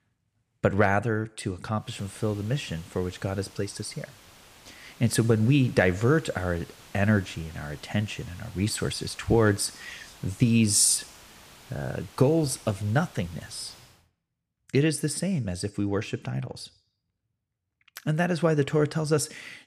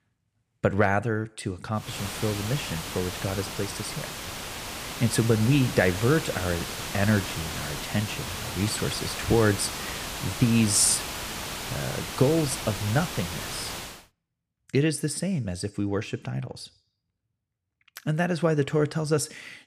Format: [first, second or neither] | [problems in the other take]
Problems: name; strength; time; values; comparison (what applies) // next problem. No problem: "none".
first | hiss; loud; from 2 to 14 s; 6 dB below the speech; faint in the first